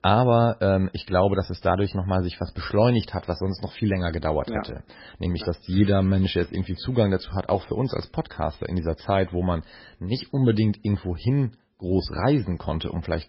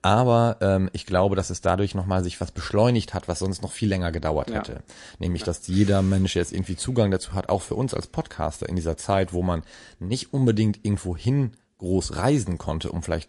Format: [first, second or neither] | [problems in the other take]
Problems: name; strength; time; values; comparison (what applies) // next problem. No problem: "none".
second | garbled, watery; badly; nothing above 5.5 kHz; slightly in the second